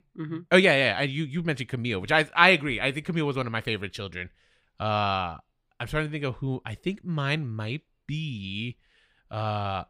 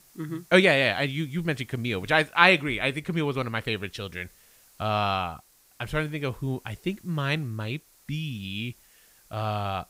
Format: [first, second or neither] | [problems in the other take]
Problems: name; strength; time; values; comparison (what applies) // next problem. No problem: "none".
first | hiss; faint; throughout; 30 dB below the speech